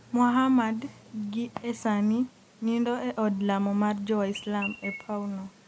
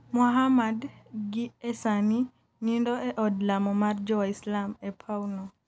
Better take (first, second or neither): second